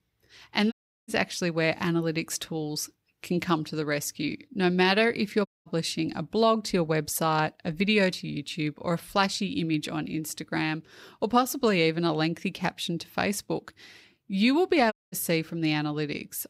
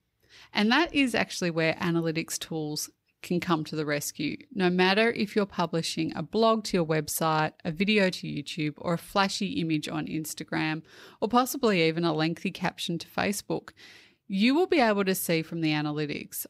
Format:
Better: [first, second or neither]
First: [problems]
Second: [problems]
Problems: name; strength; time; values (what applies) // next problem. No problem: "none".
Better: second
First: audio cutting out; at 0.5 s, at 5.5 s and at 15 s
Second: none